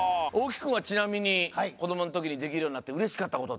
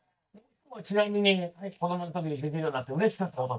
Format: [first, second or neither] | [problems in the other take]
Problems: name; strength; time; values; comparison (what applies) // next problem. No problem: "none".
first | noise reduction (neural mask model DeepFilterNet 3)